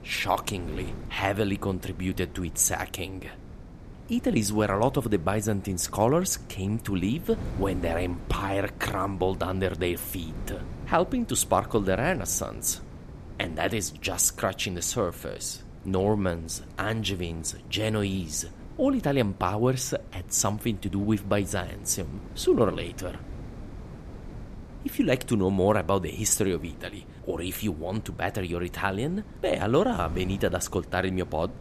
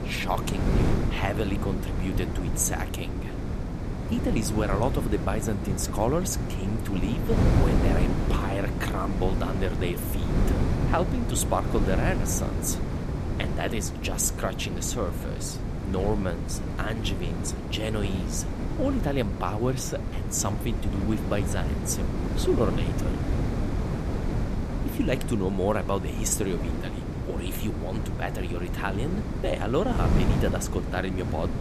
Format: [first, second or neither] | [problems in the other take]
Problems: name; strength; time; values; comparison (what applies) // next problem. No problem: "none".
first | wind noise on the microphone; heavy; 5 dB below the speech; occasional gusts in the first